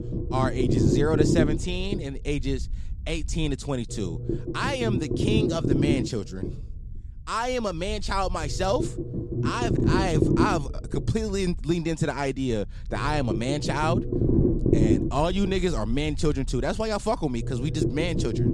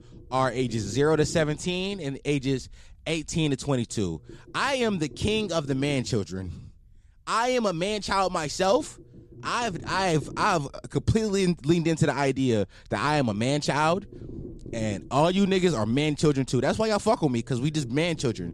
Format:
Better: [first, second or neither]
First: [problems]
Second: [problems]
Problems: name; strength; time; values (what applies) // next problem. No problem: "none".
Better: second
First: low rumble; loud; throughout; 2 dB below the speech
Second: low rumble; faint; throughout; 20 dB below the speech